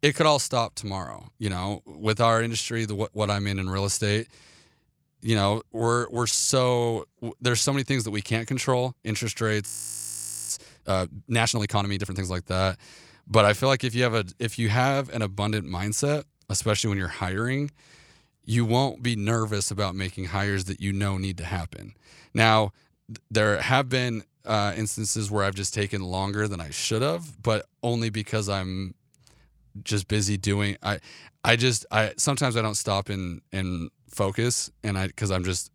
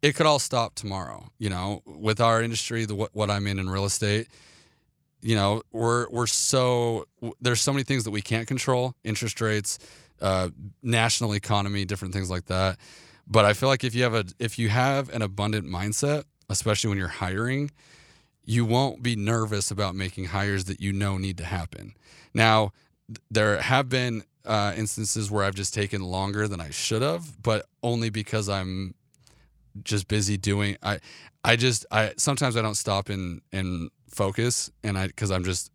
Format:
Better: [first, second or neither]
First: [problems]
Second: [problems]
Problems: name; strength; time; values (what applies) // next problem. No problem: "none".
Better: second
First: audio freezing; at 9.5 s for 1 s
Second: none